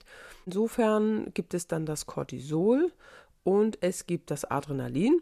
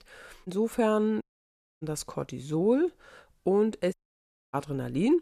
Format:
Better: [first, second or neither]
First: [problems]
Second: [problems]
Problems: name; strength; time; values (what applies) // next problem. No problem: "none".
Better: first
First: none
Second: audio cutting out; at 1 s for 0.5 s and at 4 s for 0.5 s